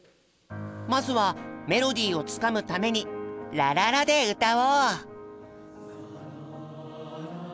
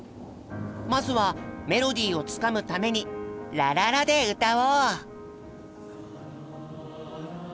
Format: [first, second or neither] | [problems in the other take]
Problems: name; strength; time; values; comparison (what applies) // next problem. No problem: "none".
first | background sound (Thunder / Rain); 17 dB below the speech